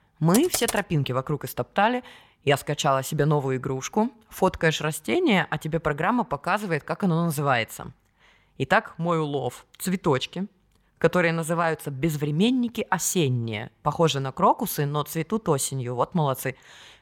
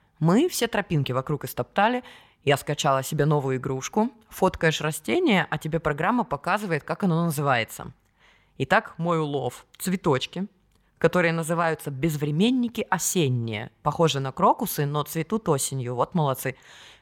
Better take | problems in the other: second | keyboard typing; noticeable; at 0.5 s; peak 3 dB below the speech

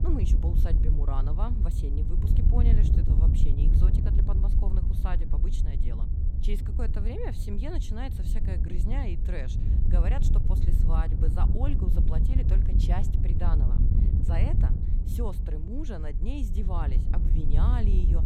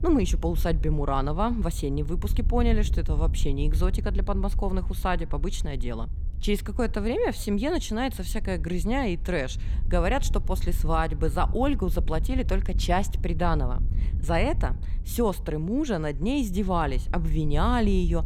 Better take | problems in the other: second | wind noise on the microphone; heavy; 2 dB below the speech; occasional gusts in the second

